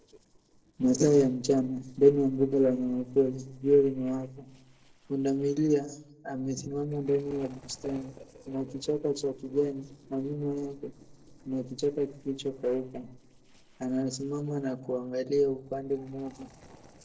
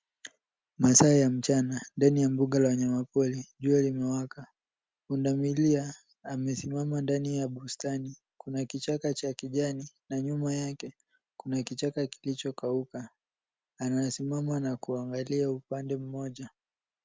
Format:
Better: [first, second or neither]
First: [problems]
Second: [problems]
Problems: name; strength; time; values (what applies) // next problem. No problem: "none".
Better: second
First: noise reduction (neural separator model SepFormer DNS4)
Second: none